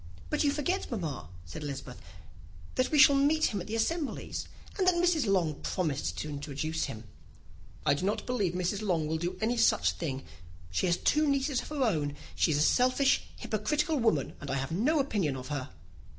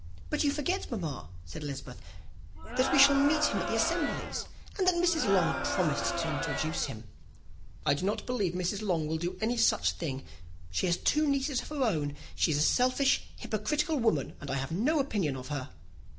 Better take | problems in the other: first | background sound (Crowd); 4 dB below the speech

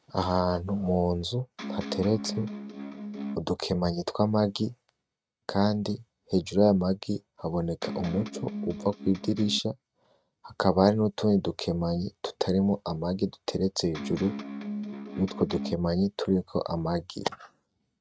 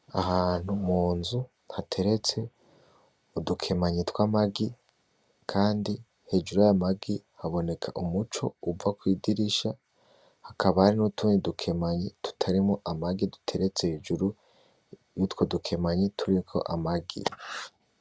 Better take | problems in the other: second | noise reduction (neural mask model RNNoise)

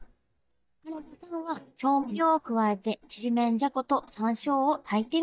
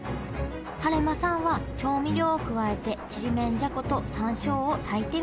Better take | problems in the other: second | noise reduction (neural mask model DeepFilterNet 3)

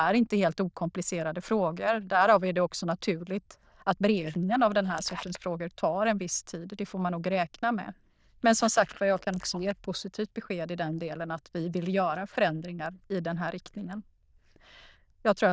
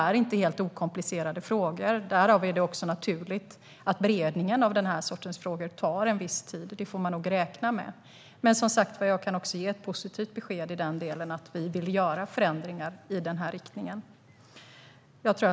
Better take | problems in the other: second | noise reduction (neural diffusion model UNIVERSE++)

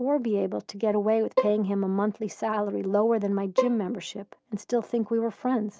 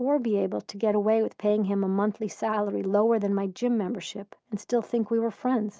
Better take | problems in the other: second | background sound (Bowed string instrument); 7 dB below the speech

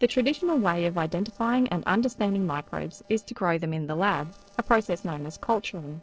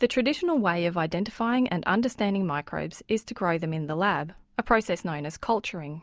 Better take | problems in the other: second | noise reduction (neural separator model SepFormer DNS4)

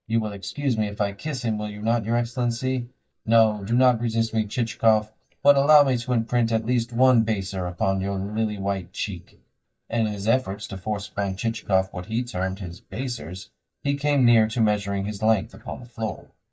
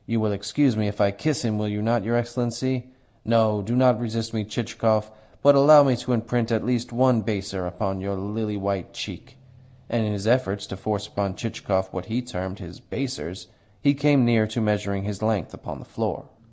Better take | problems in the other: second | noise reduction (neural mask model DeepFilterNet 3)

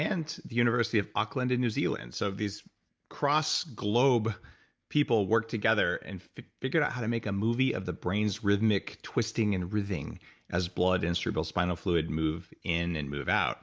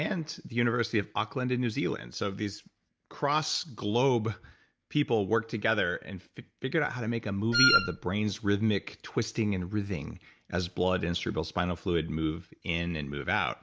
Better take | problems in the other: first | background sound (Wind instrument, woodwind instrument); 5 dB above the speech

